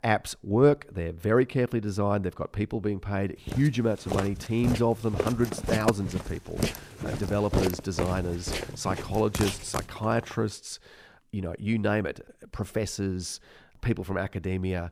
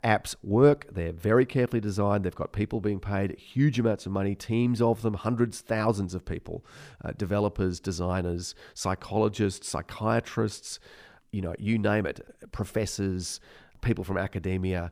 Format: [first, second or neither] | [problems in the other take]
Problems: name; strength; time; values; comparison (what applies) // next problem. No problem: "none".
second | footsteps; noticeable; from 3.5 to 10 s; peak level with the speech